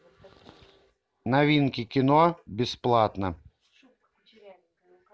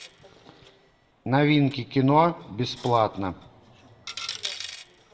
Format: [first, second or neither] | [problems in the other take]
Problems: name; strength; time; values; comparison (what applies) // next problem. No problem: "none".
first | background sound (Coin (dropping)); 16 dB below the speech // room echo; dies away in 1.1 s